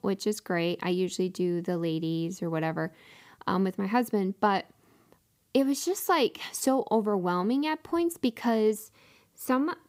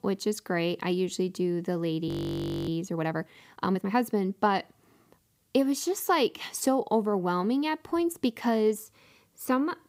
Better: first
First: none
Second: audio freezing; at 2 s for 0.5 s

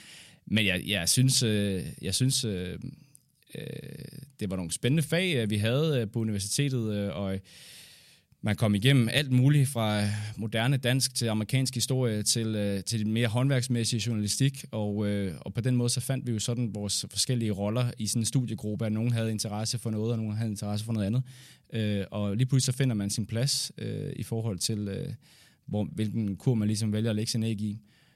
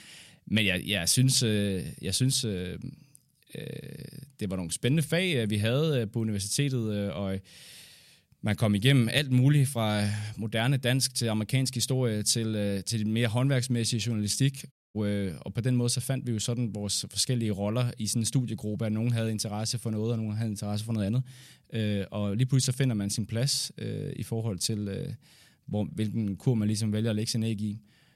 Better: first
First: none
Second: audio cutting out; at 15 s

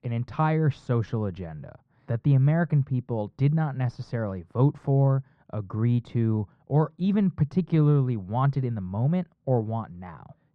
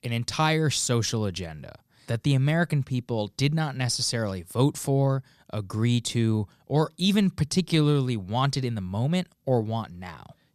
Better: second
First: muffled; very; fading above 1 kHz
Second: none

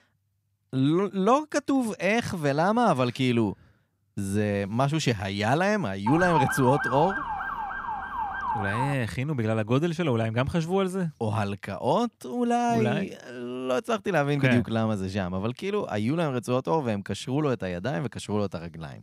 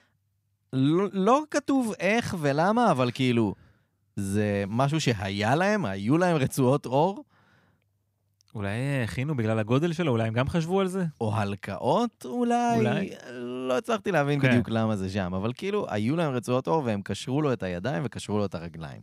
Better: second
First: siren; loud; from 6 to 9 s; peak level with the speech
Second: none

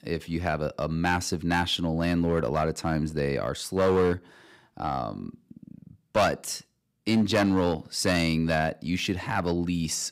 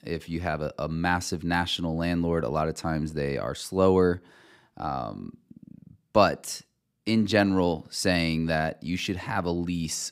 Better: second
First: distortion; slight; 3% of the sound clipped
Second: none

